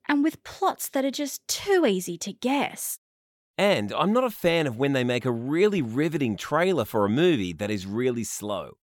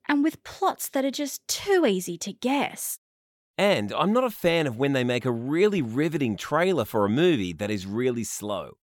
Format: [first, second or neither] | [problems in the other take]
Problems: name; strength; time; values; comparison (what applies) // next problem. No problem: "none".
neither | none